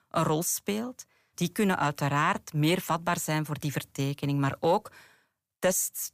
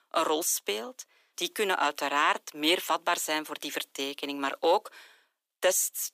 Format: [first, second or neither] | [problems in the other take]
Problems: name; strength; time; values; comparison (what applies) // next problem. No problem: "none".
first | thin; somewhat; fading below 300 Hz